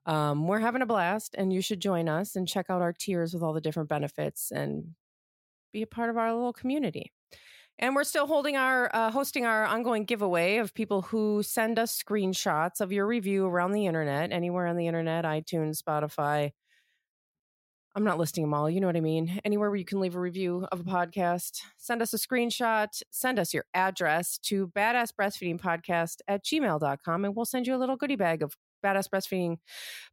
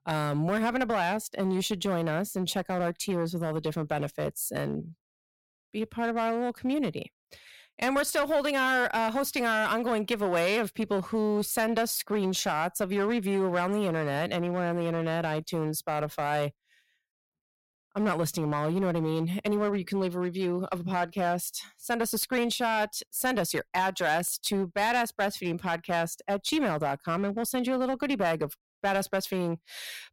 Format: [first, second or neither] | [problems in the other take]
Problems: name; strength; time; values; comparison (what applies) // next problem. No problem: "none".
first | distortion; slight; 7% of the sound clipped